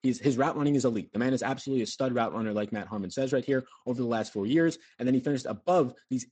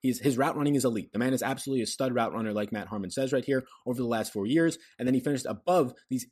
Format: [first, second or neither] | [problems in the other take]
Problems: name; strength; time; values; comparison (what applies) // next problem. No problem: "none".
second | garbled, watery; slightly; nothing above 7.5 kHz